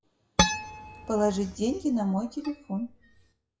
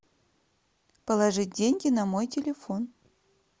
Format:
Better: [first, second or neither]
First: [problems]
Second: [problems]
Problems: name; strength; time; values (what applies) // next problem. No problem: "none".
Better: second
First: noise reduction (classical method WPE with log-MMSE)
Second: none